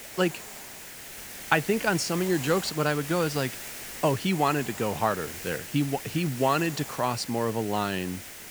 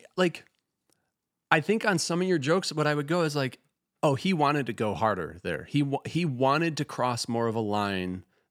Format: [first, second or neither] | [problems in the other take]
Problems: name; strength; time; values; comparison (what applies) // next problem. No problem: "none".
second | hiss; noticeable; throughout; 10 dB below the speech